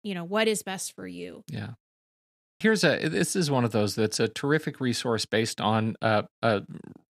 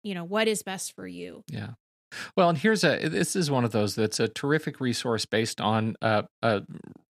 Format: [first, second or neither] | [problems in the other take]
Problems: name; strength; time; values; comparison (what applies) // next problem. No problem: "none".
second | audio freezing; at 2 s for 0.5 s